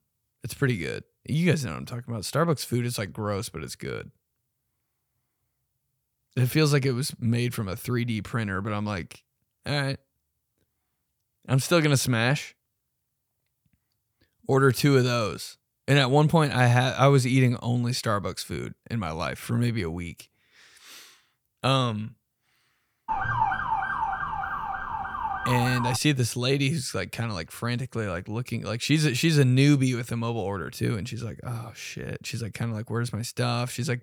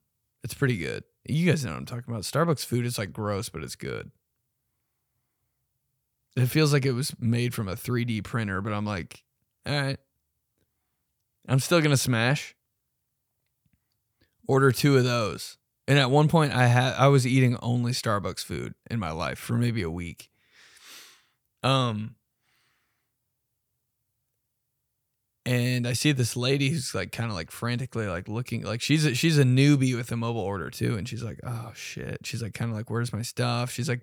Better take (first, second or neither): second